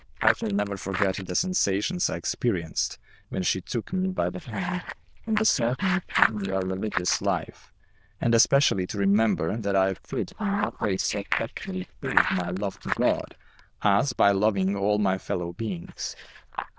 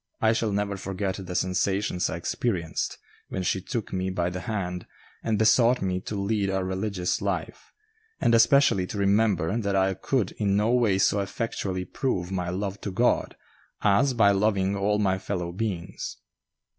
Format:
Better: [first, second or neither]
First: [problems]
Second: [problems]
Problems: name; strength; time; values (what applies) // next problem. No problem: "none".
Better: second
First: noise reduction (neural diffusion model UNIVERSE++)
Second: none